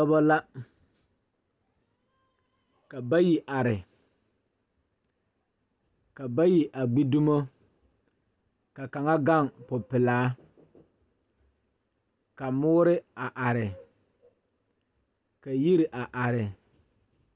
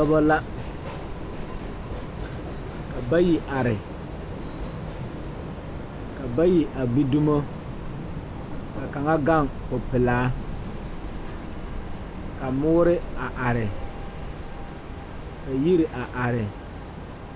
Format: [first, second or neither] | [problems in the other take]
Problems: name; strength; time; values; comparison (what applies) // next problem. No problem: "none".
first | background sound (Train); 6 dB below the speech